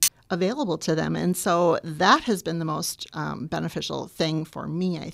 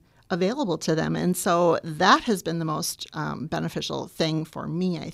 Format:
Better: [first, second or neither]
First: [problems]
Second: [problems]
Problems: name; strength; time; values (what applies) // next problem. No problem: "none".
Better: second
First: clattering dishes; loud; at the start; peak 2 dB above the speech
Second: none